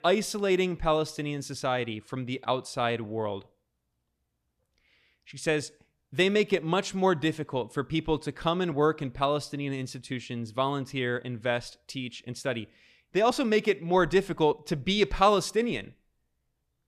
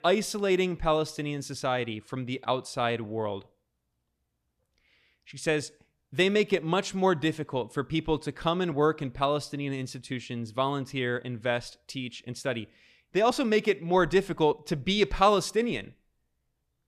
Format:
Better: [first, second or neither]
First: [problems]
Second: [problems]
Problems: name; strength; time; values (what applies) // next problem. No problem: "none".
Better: neither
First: none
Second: none